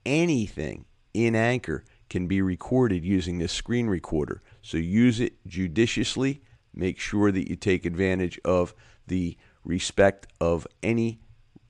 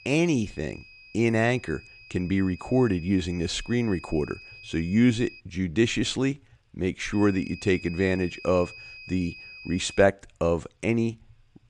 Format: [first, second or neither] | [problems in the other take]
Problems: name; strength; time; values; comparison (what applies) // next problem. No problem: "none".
first | high-pitched whine; noticeable; until 5.5 s and from 7 to 10 s; 2.5 kHz, 20 dB below the speech